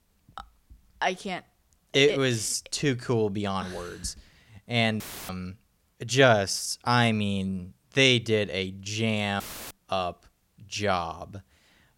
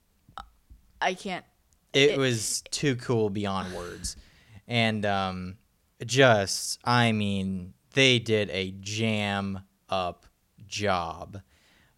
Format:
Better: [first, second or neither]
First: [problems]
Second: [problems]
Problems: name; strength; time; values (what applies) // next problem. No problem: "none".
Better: second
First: audio cutting out; filled with static; at 5 s and at 9.5 s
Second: none